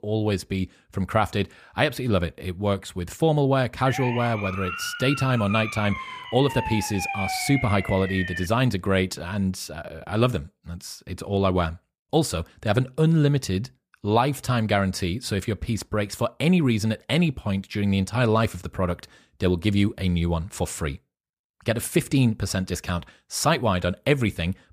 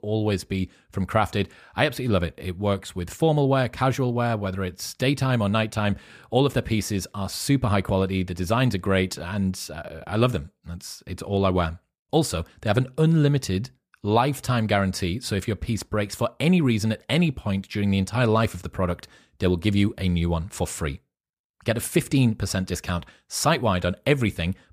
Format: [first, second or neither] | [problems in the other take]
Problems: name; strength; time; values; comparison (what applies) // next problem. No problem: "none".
second | siren; noticeable; from 4 to 8.5 s; peak 3 dB below the speech